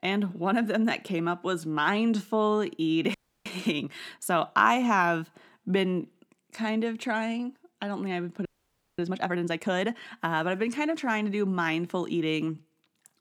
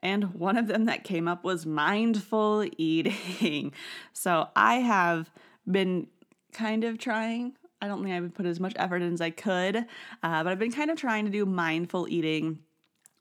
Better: second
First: audio freezing; at 3 s and at 8.5 s for 0.5 s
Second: none

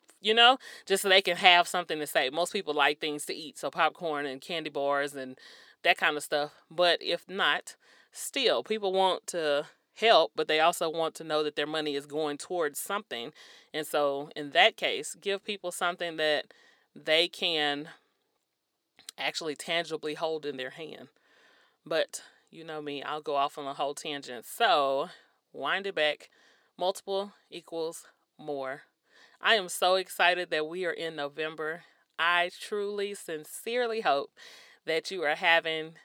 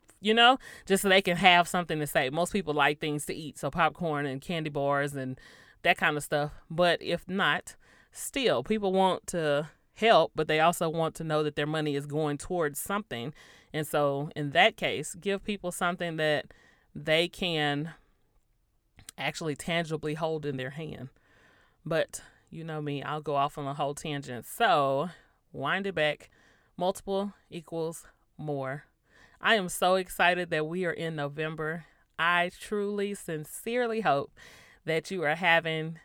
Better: second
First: thin; somewhat; fading below 350 Hz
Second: none

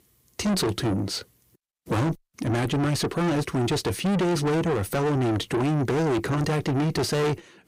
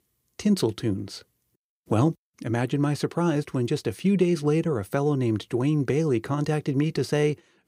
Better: second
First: distortion; heavy; 5 dB below the speech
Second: none

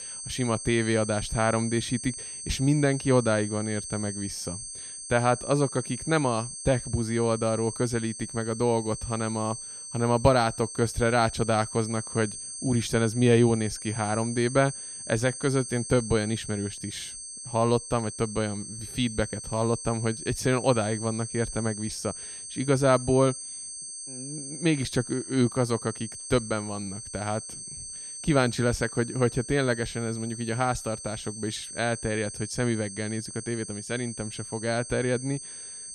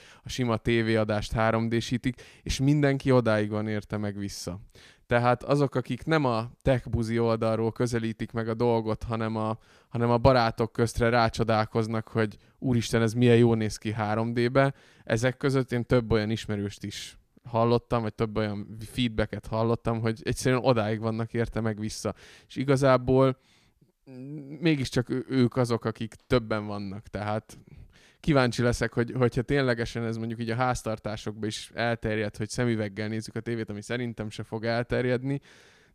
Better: second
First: high-pitched whine; loud; throughout; 8.5 kHz, 9 dB below the speech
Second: none

